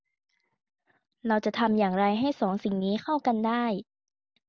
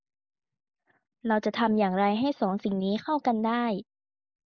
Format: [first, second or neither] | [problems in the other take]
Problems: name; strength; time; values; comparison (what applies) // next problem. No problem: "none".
first | noise reduction (neural mask model Resemble Enhance denoiser)